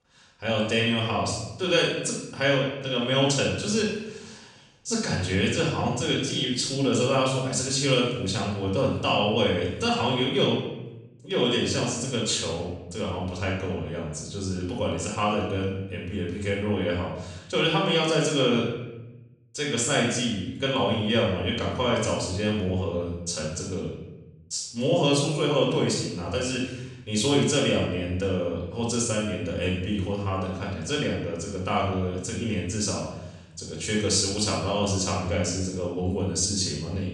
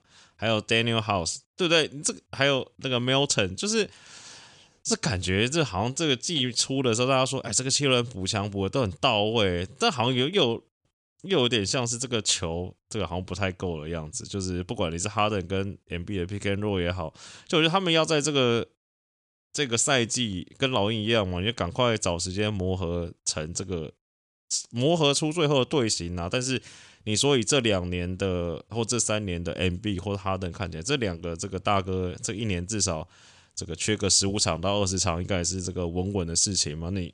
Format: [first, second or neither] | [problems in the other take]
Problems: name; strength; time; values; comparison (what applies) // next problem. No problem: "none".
second | off-mic speech; far // room echo; noticeable; dies away in 0.9 s